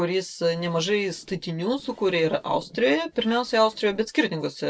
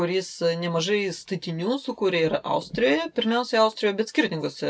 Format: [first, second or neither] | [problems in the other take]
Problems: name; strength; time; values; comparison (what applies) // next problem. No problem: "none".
second | noise reduction (neural separator model SepFormer DNS4)